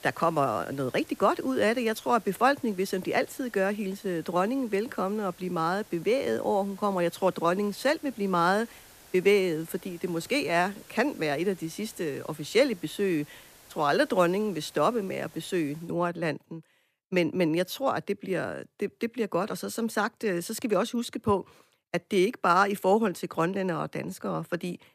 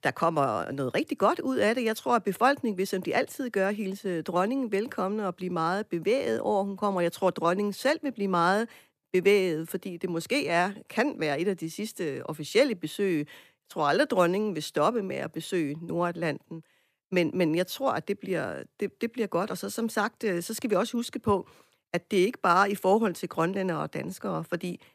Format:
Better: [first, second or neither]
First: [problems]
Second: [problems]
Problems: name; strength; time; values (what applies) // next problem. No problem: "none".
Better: second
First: hiss; faint; until 16 s; 25 dB below the speech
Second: none